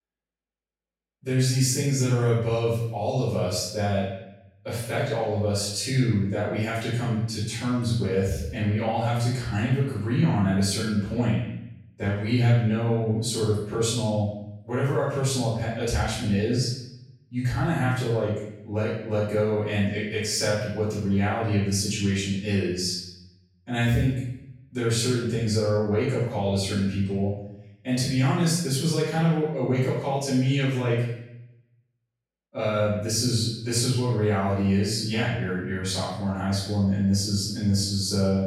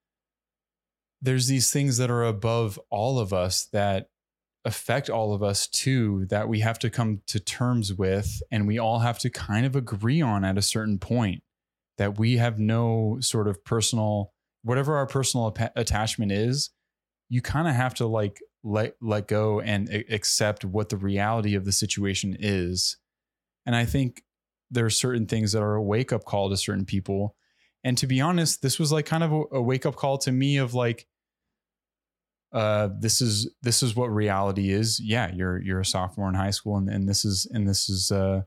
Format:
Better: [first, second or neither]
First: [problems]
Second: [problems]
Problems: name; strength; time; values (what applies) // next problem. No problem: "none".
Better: second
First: room echo; strong; dies away in 0.8 s // off-mic speech; far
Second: none